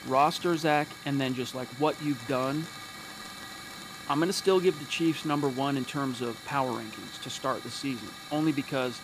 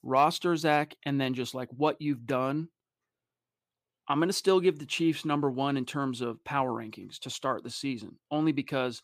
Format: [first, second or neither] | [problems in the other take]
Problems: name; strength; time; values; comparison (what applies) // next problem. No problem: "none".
second | hiss; noticeable; throughout; 10 dB below the speech